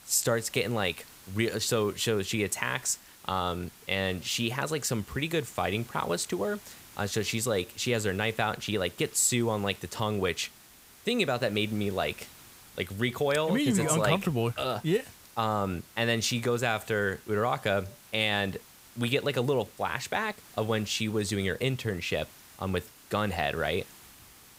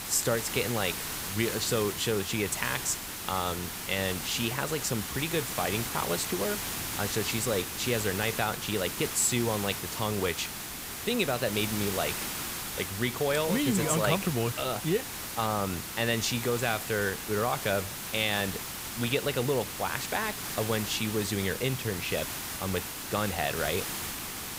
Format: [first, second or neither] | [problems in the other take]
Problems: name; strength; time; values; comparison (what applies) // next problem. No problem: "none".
first | hiss; loud; throughout; 4 dB below the speech; faint in the first